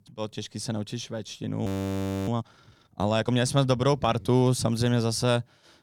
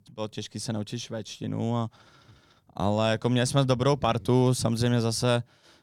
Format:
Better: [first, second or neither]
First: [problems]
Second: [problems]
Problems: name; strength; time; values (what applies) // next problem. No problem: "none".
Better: second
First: audio freezing; at 1.5 s for 0.5 s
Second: none